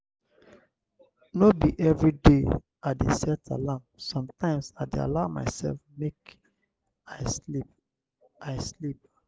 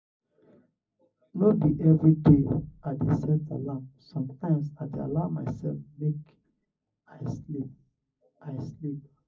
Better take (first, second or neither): first